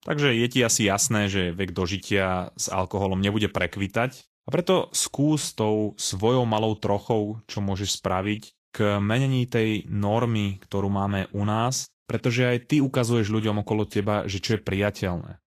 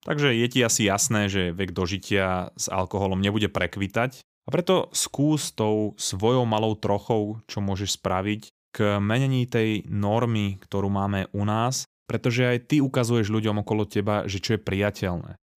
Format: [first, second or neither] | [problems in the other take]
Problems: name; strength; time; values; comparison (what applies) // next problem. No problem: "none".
second | garbled, watery; slightly; nothing above 13 kHz